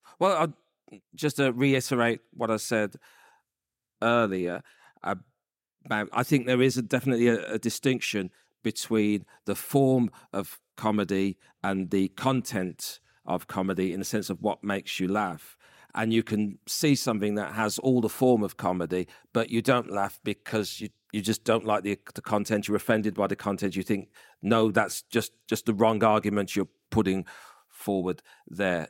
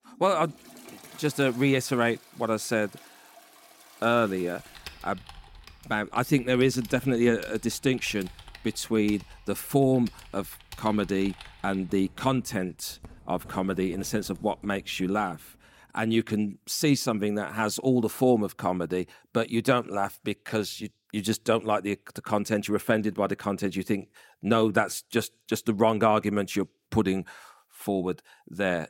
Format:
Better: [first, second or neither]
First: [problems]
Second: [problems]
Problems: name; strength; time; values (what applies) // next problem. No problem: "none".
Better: first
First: none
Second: household noises; faint; until 15 s; 20 dB below the speech